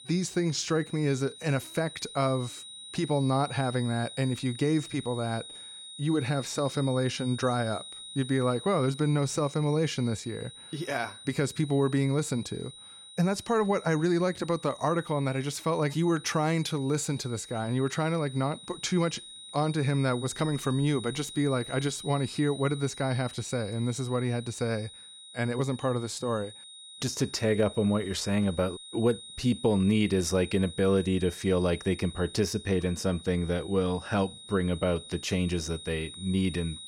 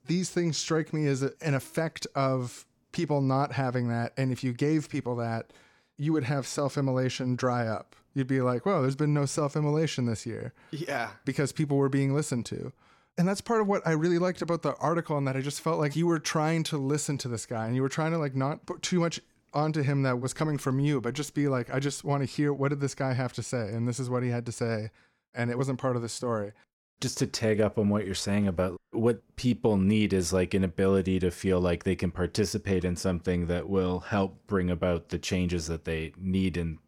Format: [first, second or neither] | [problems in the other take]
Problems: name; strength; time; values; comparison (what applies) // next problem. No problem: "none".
second | high-pitched whine; noticeable; throughout; 4 kHz, 15 dB below the speech